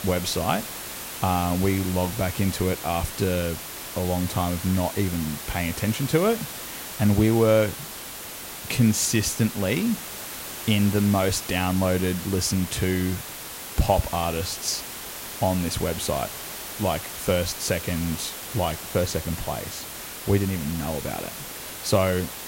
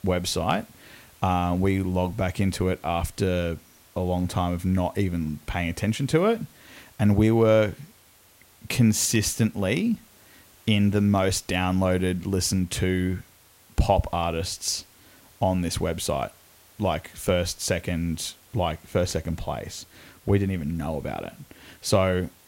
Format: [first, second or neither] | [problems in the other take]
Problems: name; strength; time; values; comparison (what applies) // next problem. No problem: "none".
second | hiss; loud; throughout; 8 dB below the speech; faint in the second